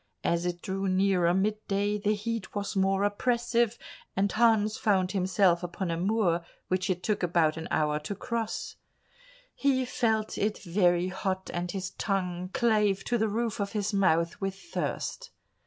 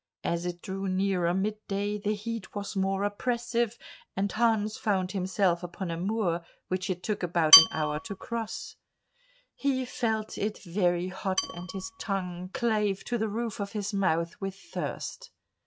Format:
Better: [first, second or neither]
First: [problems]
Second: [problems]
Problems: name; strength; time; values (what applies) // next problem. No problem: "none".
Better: first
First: none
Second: noise reduction (neural mask model RNNoise)